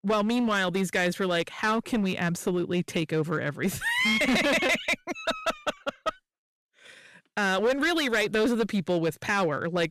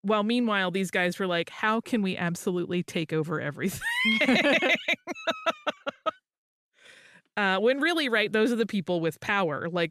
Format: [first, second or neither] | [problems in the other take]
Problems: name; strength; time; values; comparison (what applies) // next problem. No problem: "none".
second | distortion; slight; 10% of the sound clipped